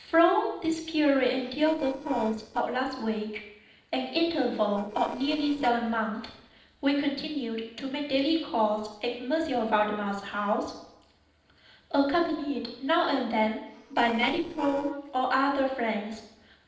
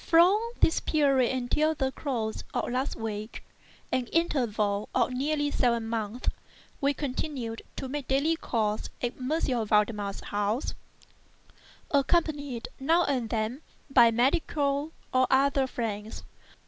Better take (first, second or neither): second